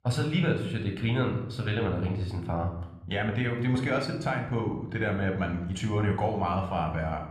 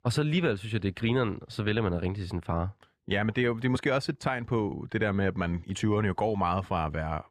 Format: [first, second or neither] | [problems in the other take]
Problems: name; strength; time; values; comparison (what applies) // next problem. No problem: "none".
second | room echo; slight; dies away in 0.7 s